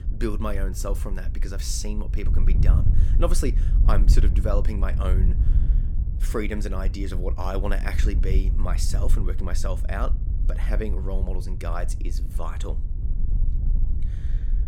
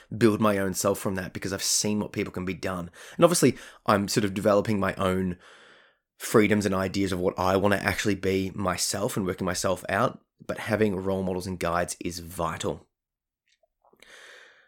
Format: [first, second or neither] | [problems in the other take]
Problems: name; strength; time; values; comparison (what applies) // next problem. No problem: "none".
second | wind noise on the microphone; occasional gusts; 10 dB below the speech